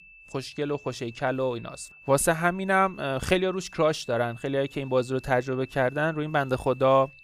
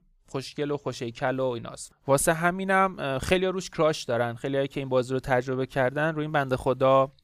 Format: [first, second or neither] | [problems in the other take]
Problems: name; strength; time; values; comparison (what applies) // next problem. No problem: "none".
second | high-pitched whine; faint; throughout; 2.5 kHz, 20 dB below the speech